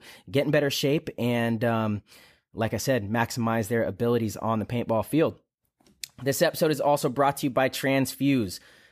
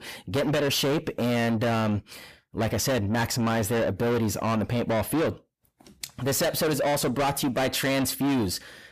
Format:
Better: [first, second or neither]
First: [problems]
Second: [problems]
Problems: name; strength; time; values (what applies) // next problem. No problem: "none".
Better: first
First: none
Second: distortion; heavy; 6 dB below the speech